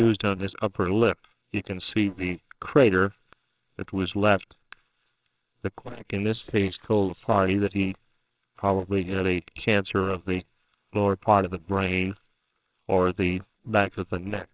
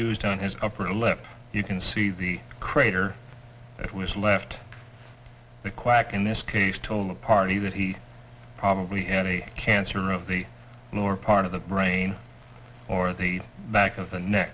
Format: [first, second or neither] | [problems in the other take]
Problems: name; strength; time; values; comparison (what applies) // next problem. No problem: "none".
second | noise reduction (neural separator model SepFormer WHAMR!)